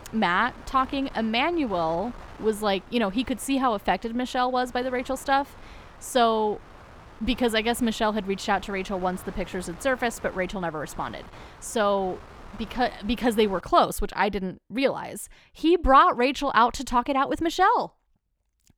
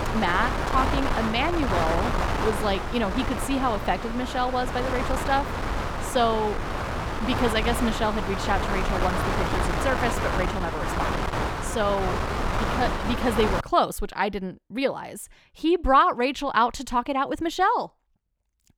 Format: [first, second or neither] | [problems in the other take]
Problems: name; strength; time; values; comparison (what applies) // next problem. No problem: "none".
first | wind noise on the microphone; heavy; until 14 s; 3 dB below the speech; occasional gusts in the first